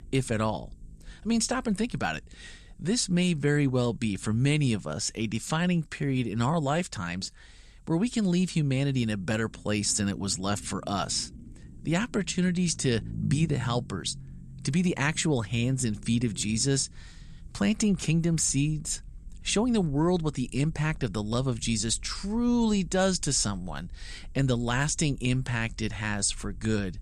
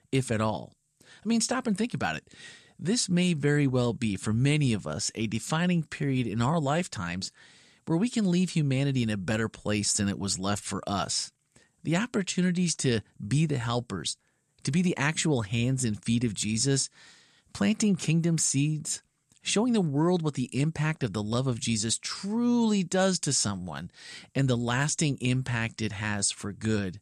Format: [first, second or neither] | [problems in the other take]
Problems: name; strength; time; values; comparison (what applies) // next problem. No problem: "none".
second | low rumble; faint; throughout; 25 dB below the speech